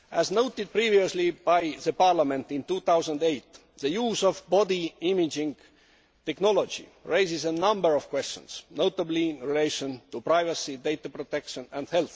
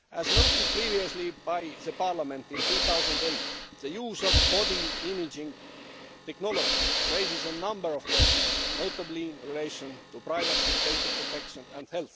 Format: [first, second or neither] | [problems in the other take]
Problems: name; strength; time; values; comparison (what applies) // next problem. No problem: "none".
first | background sound (Hiss / Breathing); 5 dB above the speech